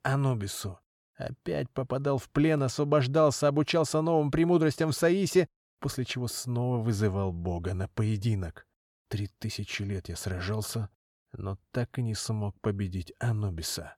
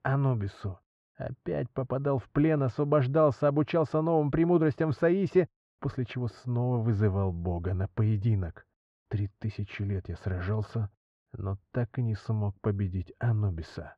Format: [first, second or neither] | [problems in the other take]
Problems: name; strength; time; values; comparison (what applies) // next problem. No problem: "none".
first | muffled; very; fading above 2 kHz